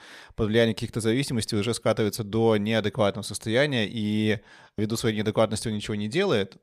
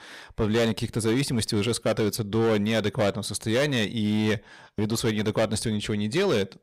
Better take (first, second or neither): first